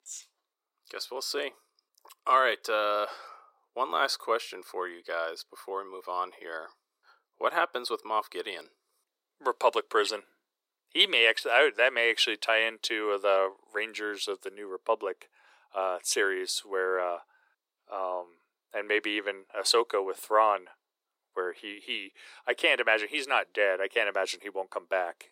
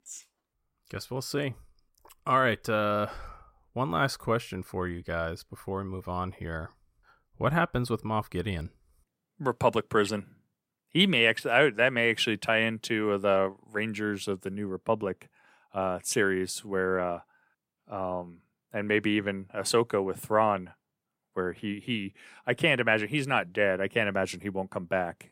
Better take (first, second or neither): second